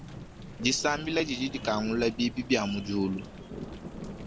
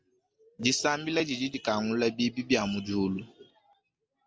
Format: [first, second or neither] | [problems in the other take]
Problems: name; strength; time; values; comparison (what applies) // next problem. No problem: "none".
second | background sound (Thunder / Rain); 12 dB below the speech